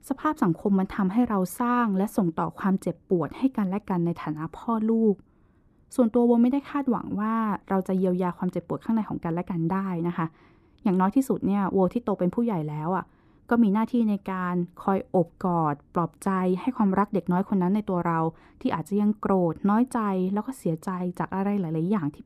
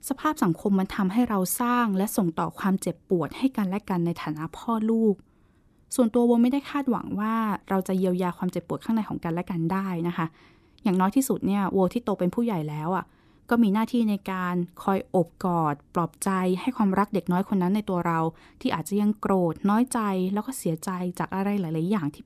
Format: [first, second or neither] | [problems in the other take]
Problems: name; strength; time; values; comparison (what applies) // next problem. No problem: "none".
second | muffled; slightly; fading above 2.5 kHz